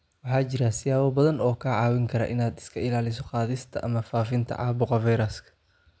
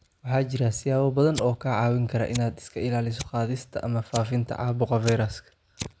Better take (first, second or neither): first